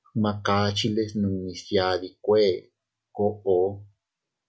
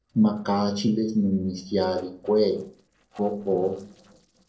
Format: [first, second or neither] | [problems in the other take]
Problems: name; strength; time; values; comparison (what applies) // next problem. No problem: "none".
first | noise reduction (neural separator model SepFormer DNS4)